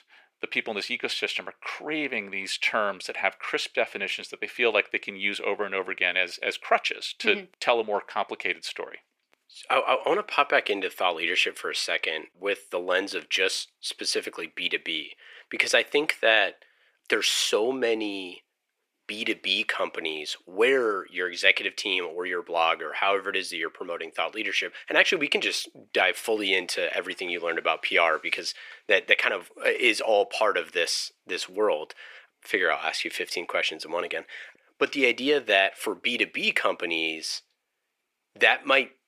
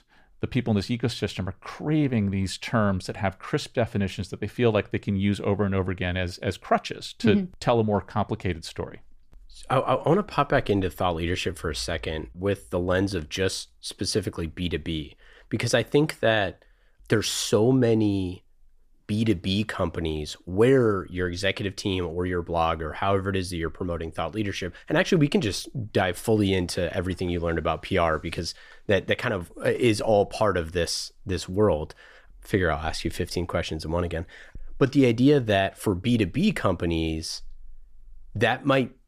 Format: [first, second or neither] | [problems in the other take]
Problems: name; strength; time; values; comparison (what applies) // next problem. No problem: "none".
second | thin; very; fading below 400 Hz